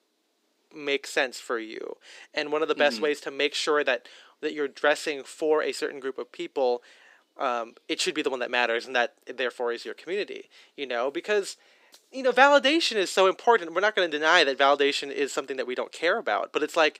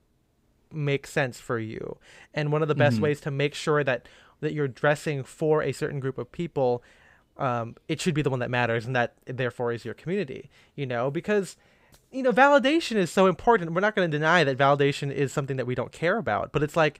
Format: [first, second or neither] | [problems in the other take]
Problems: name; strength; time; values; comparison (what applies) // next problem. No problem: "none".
second | thin; somewhat; fading below 300 Hz